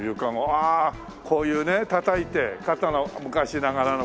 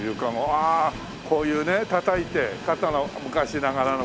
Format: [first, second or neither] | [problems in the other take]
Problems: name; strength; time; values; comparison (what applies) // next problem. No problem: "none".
first | background sound (Train); 15 dB below the speech